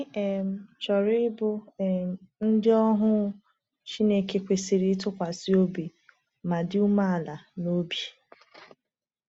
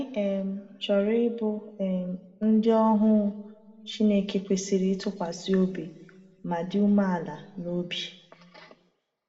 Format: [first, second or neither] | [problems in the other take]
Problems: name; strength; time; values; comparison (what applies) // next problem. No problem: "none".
first | room echo; dies away in 0.9 s